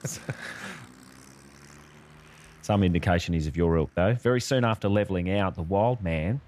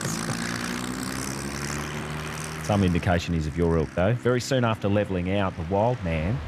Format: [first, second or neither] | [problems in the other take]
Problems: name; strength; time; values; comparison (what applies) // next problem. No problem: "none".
first | train or aircraft noise; loud; throughout; 9 dB below the speech; faint in the first